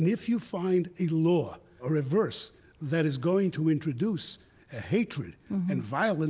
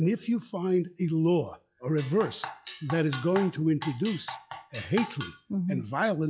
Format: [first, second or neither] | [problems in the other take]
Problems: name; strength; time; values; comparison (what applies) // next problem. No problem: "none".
first | noise reduction (classical method log-MMSE)